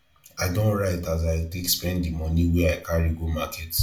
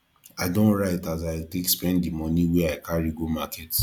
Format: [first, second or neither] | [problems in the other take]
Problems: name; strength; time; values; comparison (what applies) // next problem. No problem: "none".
second | room echo; dies away in 0.3 s